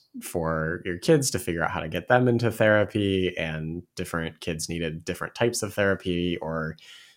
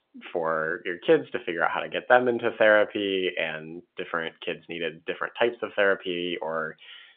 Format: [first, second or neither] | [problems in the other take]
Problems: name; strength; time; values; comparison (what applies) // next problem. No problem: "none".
first | phone-call audio; nothing above 3.5 kHz